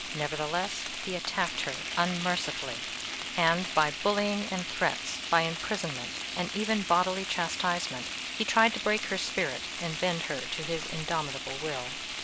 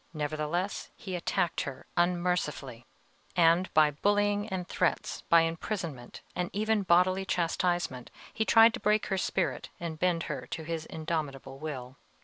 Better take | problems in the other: second | background sound (Frying (food)); 5 dB below the speech

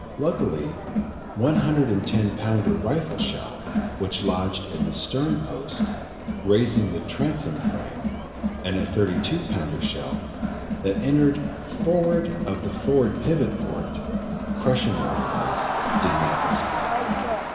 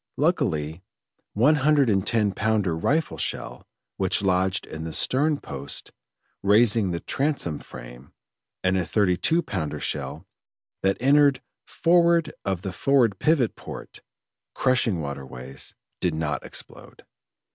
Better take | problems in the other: second | background sound (Crowd); 2 dB below the speech // room echo; dies away in 2.1 s

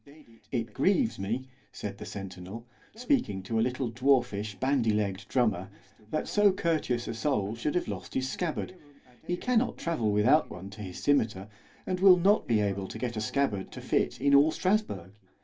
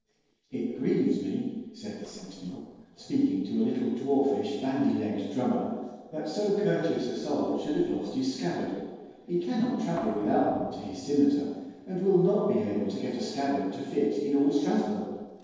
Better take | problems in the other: first | noise reduction (neural separator model SepFormer DNS4)

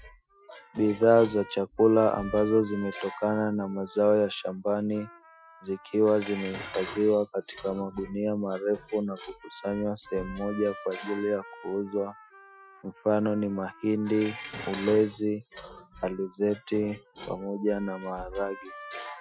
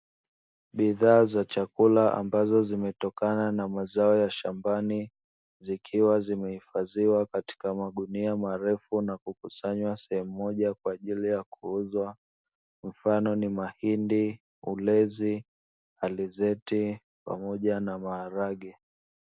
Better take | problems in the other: second | noise reduction (classical method Wiener filter)

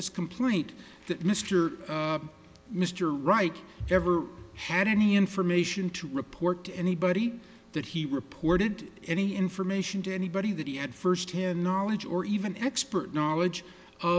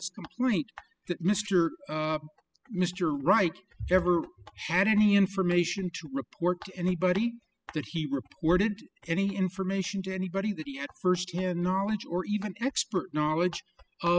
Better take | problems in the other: first | noise reduction (classical method spectral subtraction)

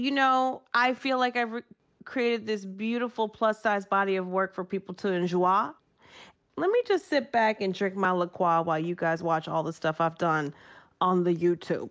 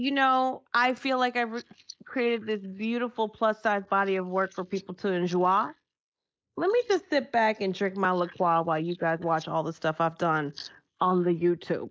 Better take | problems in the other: first | noise reduction (neural mask model Resemble Enhance denoiser)

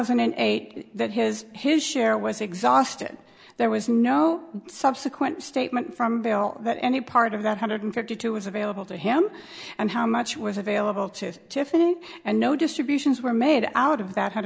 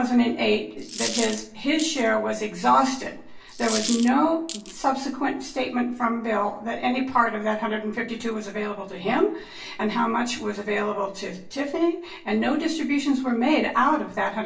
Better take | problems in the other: first | background sound (Coin (dropping)); 10 dB below the speech // room echo; dies away in 0.3 s

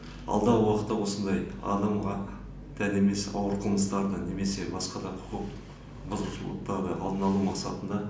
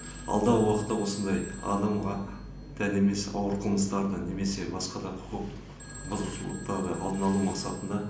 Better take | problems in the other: first | background sound (Telephone); 19 dB below the speech

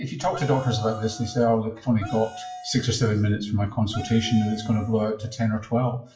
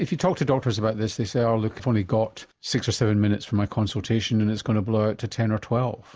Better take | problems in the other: second | noise reduction (classical method WPE with log-MMSE)

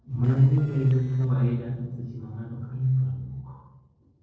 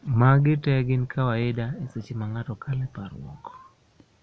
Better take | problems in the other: second | noise reduction (neural separator model SepFormer DNS4)

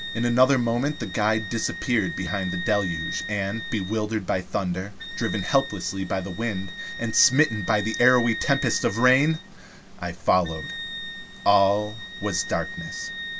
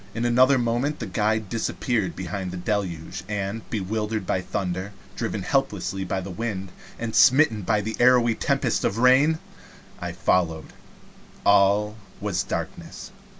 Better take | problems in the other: second | background sound (Wind instrument, woodwind instrument); 11 dB below the speech

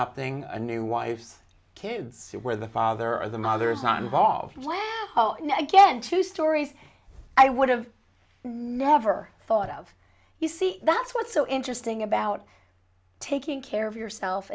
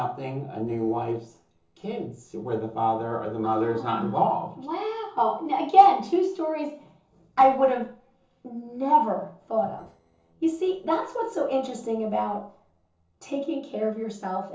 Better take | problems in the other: first | noise reduction (neural separator model SepFormer DNS4)

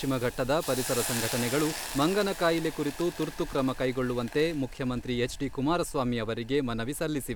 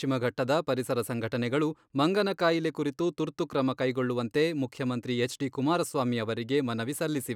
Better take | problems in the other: second | background sound (Mechanical fan + Hiss); 10 dB below the speech

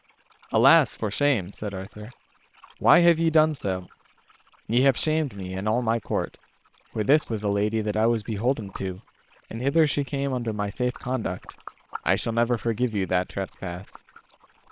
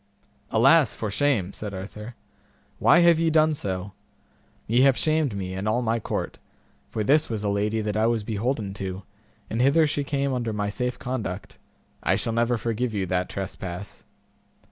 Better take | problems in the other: second | noise reduction (neural separator model SepFormer WHAM!)

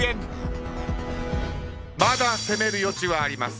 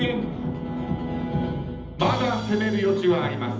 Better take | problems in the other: first | room echo; dies away in 0.8 s

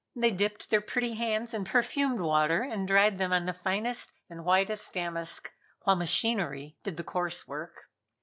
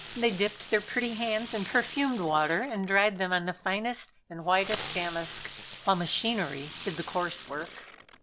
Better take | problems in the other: first | background sound (Fireworks); 14 dB below the speech

